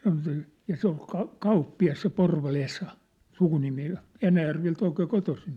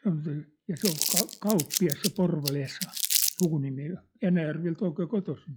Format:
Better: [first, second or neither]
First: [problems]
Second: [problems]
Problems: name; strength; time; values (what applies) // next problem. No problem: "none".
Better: first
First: none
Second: noise reduction (classical method log-MMSE)